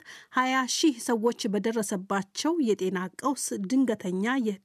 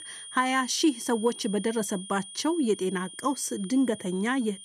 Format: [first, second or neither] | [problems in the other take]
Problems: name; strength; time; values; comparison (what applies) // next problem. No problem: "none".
first | high-pitched whine; noticeable; throughout; 3.5 kHz, 15 dB below the speech